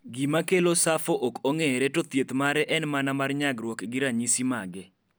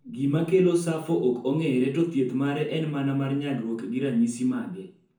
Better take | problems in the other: first | room echo; dies away in 0.6 s

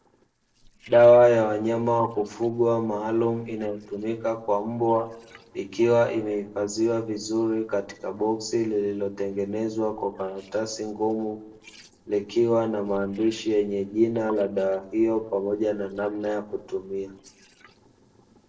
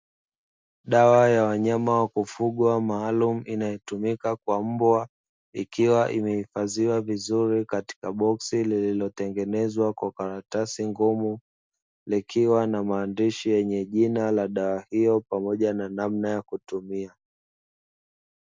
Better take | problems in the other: second | noise reduction (neural separator model SepFormer DNS4)

